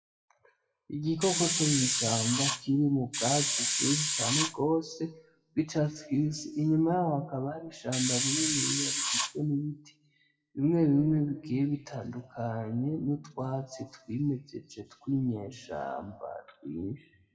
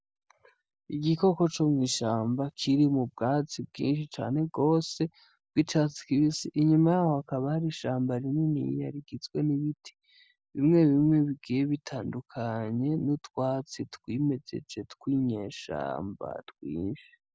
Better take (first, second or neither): second